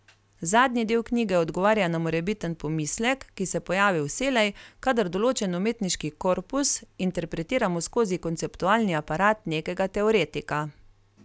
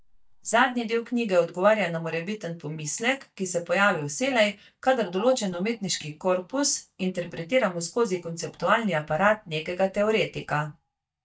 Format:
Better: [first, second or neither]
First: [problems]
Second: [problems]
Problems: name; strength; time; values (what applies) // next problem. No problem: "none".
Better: first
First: none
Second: noise reduction (neural mask model DeepFilterNet 3)